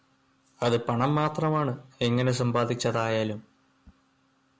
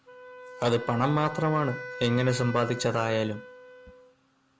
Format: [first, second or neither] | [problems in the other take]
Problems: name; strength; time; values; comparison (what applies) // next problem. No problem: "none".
first | background sound (Wind instrument, woodwind instrument); 13 dB below the speech